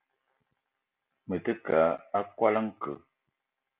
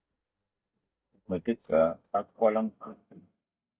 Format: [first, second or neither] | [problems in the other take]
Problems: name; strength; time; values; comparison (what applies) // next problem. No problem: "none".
first | noise reduction (neural mask model DeepFilterNet 3)